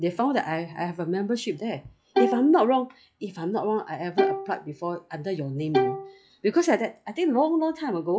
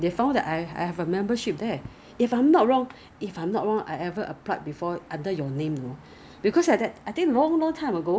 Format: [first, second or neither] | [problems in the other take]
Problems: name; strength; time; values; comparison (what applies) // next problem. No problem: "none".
second | noise reduction (classical method log-MMSE)